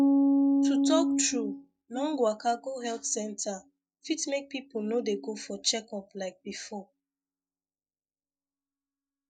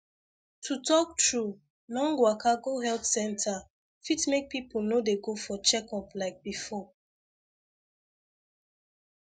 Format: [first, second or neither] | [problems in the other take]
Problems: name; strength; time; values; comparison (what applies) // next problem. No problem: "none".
second | noise reduction (neural mask model DeepFilterNet 3)